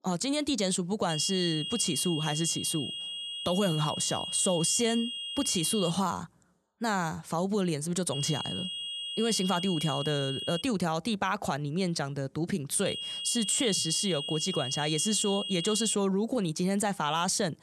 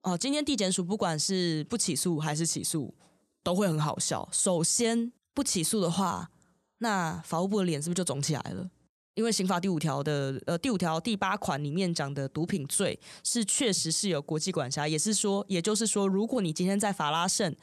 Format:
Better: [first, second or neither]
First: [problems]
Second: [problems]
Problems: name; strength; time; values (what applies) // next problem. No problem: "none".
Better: second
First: high-pitched whine; loud; from 1 to 6 s, from 8 to 11 s and from 13 to 16 s; 3.5 kHz, 5 dB below the speech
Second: none